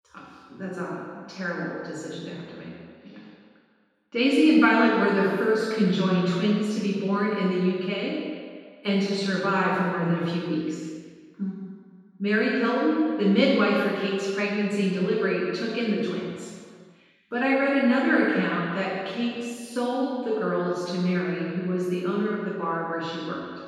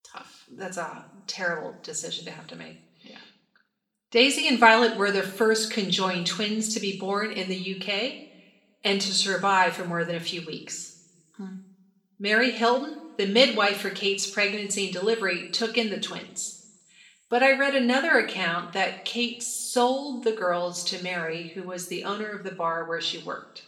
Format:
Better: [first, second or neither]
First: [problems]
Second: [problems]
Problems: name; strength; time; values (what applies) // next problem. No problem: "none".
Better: second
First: room echo; strong; dies away in 1.8 s // off-mic speech; far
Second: room echo; slight; dies away in 0.6 s // off-mic speech; somewhat distant